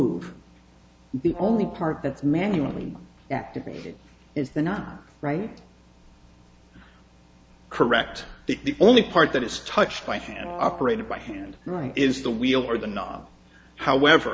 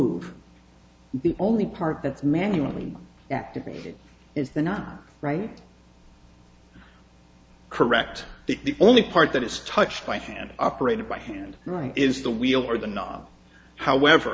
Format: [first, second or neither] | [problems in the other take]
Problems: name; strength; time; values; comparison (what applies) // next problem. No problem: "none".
second | background sound (Brass instrument); 14 dB below the speech